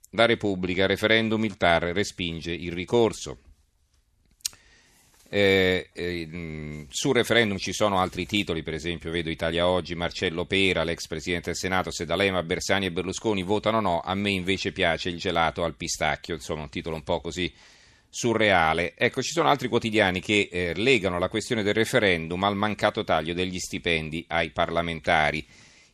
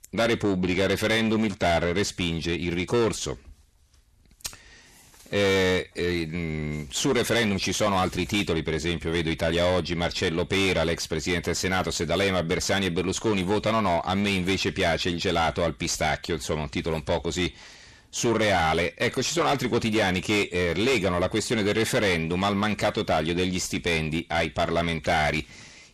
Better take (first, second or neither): first